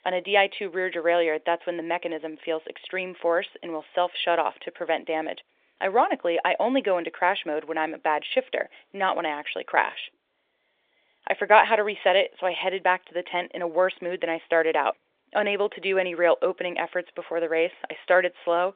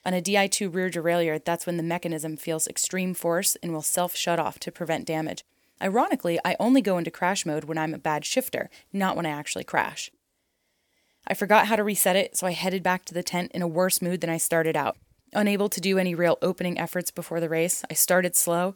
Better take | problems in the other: second | phone-call audio; nothing above 3 kHz

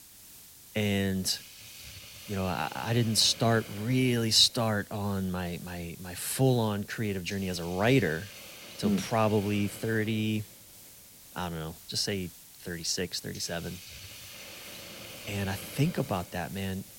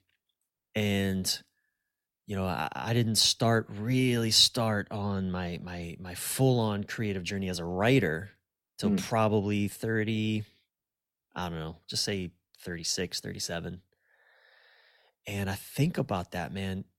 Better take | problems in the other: second | hiss; noticeable; throughout; 15 dB below the speech

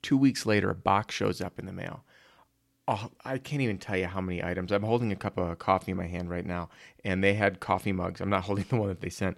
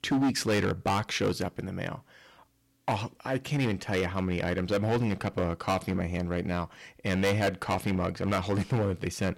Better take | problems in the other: first | distortion; heavy; 9% of the sound clipped

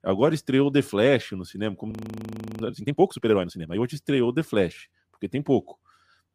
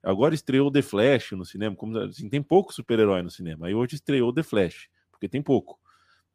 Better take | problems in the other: second | audio freezing; at 2 s for 0.5 s

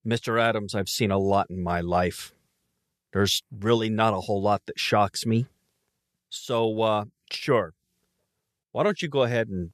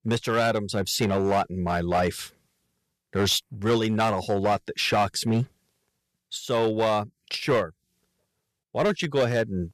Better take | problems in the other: first | distortion; slight; 5% of the sound clipped

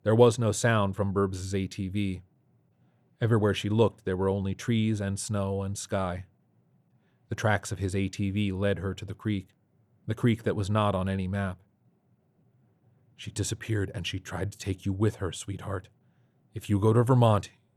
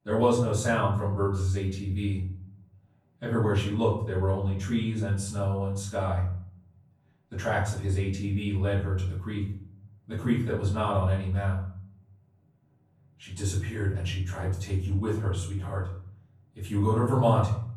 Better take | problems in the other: first | room echo; noticeable; dies away in 0.6 s // off-mic speech; far

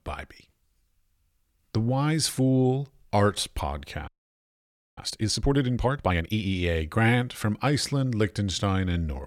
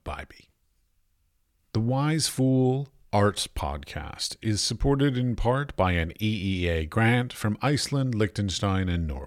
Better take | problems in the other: second | audio freezing; at 4 s for 1 s

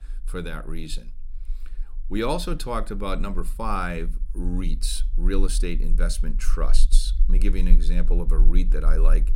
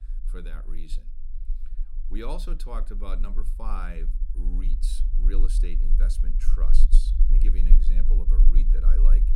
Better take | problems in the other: first | low rumble; loud; throughout; 8 dB below the speech; faint in the first

